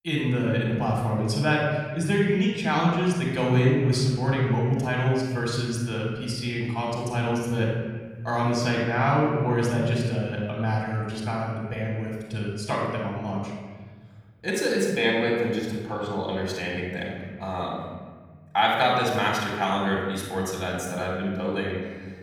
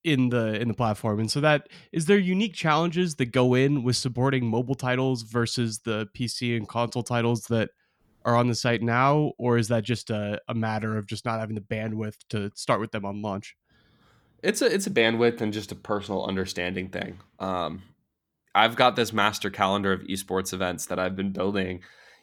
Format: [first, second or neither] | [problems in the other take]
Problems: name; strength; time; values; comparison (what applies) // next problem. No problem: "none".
second | room echo; noticeable; dies away in 1.8 s // off-mic speech; somewhat distant